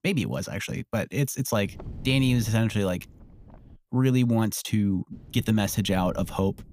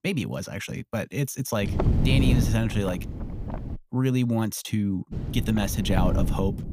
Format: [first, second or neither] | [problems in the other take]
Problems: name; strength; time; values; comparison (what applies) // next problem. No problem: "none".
first | wind noise on the microphone; heavy; from 1.5 to 4 s and from 5 s on; 5 dB below the speech; occasional gusts in the first